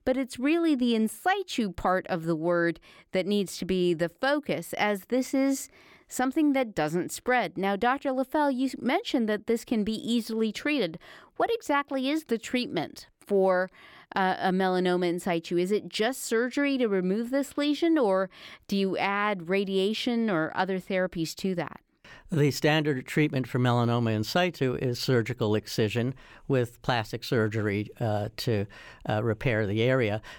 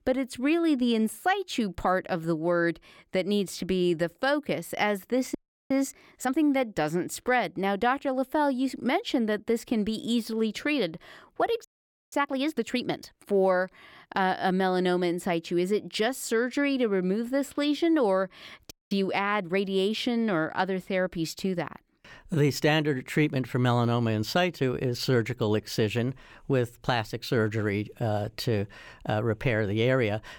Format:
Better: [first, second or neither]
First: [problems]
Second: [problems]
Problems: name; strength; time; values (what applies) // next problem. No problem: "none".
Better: first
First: none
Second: audio freezing; at 5.5 s, at 12 s and at 19 s